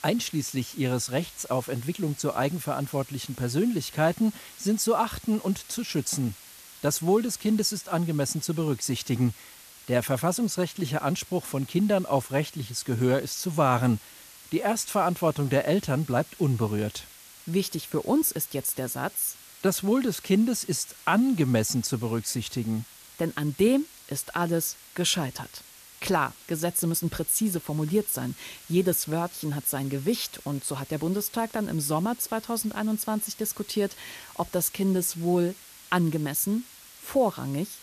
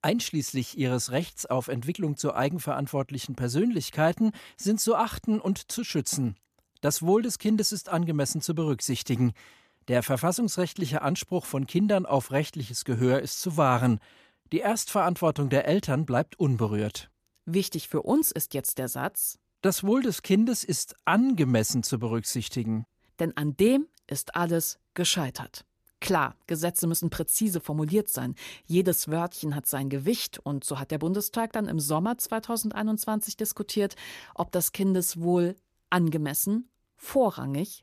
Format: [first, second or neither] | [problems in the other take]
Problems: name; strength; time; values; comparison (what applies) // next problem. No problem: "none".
second | hiss; noticeable; throughout; 20 dB below the speech